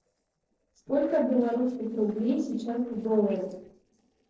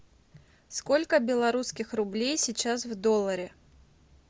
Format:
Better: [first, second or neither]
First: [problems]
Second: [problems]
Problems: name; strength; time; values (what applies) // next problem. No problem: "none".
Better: second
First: noise reduction (neural separator model SepFormer DNS4)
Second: none